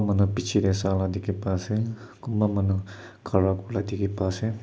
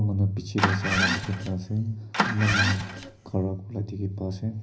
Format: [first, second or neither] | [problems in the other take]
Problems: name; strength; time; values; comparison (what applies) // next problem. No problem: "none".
first | background sound (Engine starting); 1 dB below the speech // room echo; dies away in 0.4 s